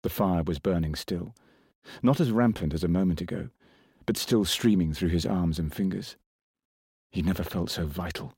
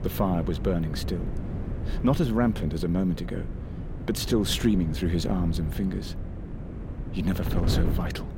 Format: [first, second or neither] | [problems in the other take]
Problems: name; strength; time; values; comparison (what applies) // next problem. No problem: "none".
first | wind noise on the microphone; occasional gusts; 10 dB below the speech